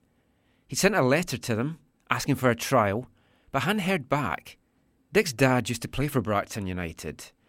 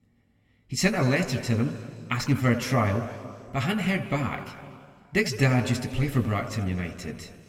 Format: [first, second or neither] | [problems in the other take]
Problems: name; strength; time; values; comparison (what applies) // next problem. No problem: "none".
first | room echo; slight; dies away in 2.1 s